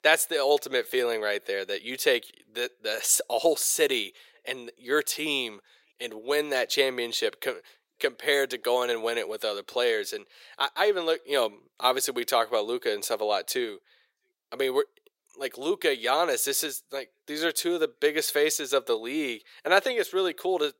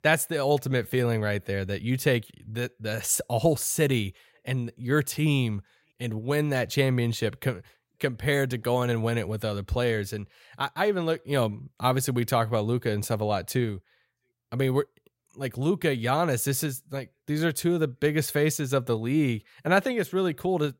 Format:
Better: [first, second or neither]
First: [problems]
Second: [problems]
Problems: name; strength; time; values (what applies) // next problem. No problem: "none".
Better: second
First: thin; very; fading below 400 Hz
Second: none